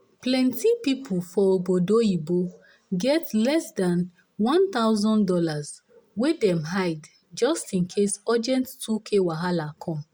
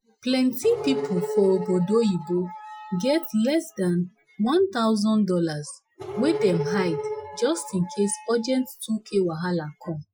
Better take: first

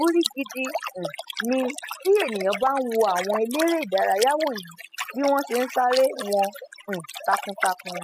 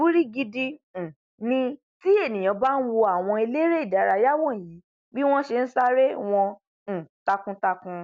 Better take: second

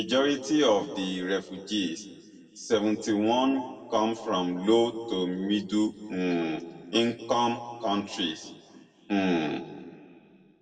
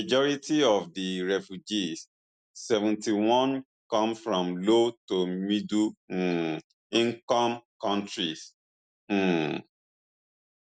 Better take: second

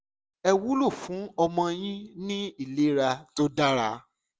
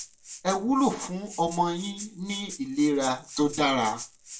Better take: first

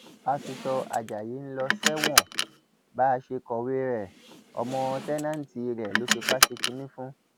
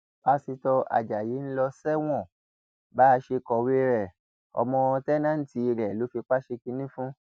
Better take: second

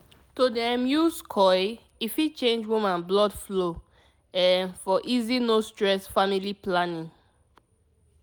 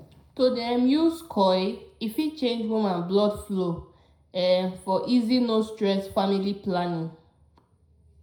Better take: first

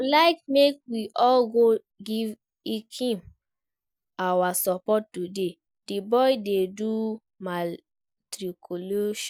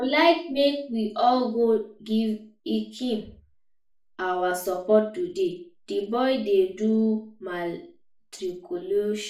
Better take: first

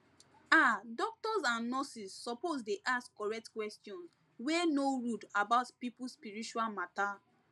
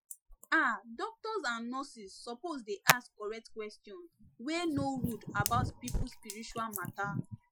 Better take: first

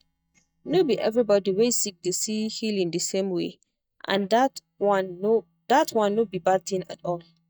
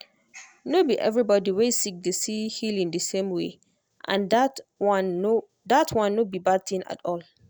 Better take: second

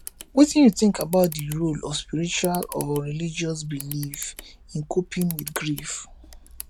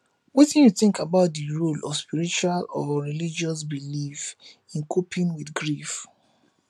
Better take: second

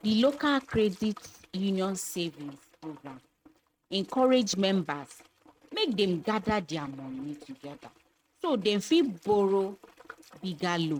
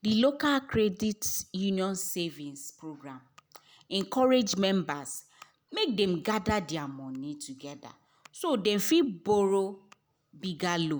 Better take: second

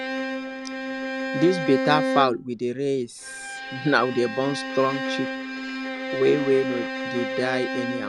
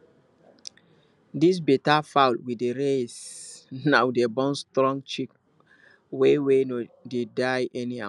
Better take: second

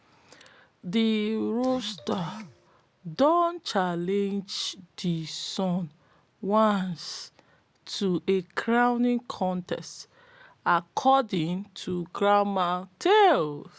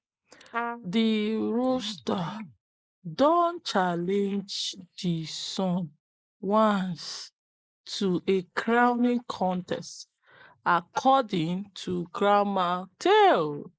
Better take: first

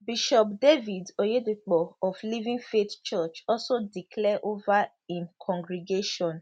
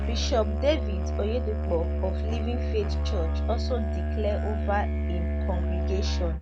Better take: first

